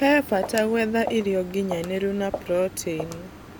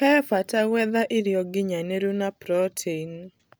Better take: second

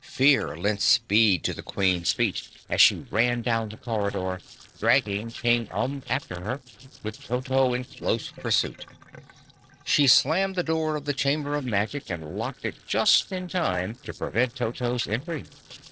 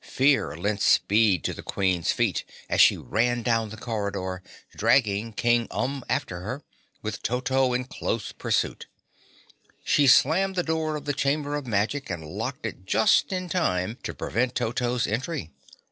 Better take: second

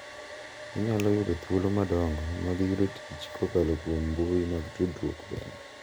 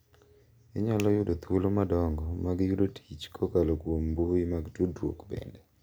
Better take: second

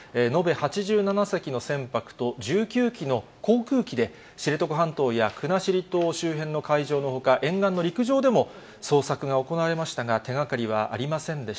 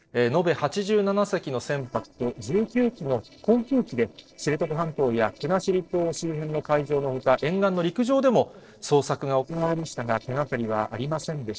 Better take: first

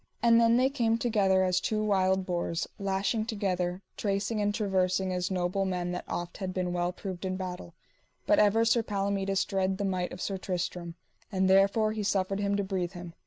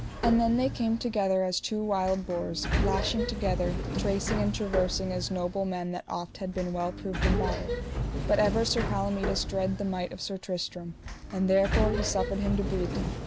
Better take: first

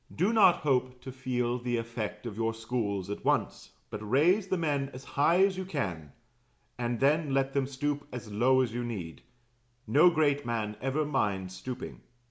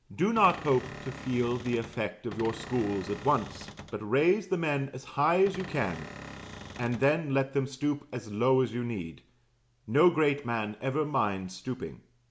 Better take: first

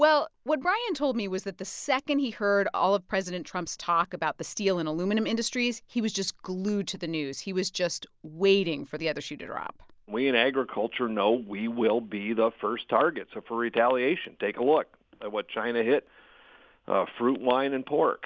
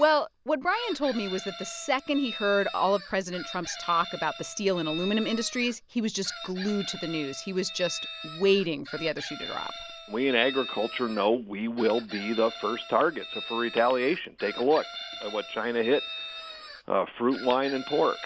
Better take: first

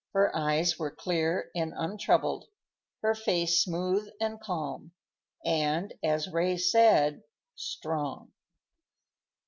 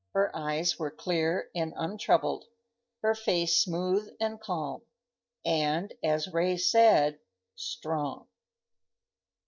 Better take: first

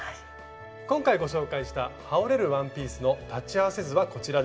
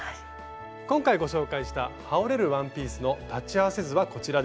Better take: second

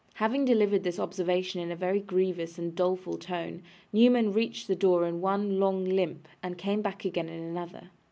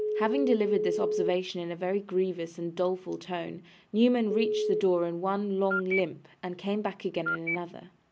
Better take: first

